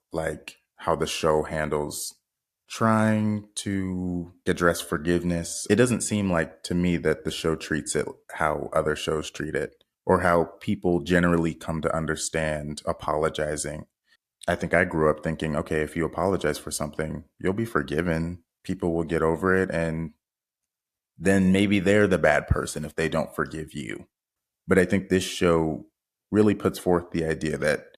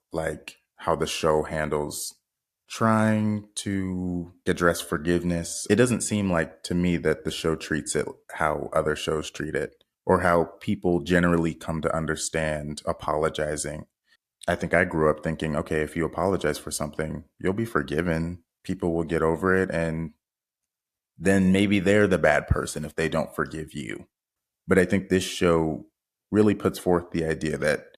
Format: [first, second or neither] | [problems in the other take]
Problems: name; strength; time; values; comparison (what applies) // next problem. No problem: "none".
neither | none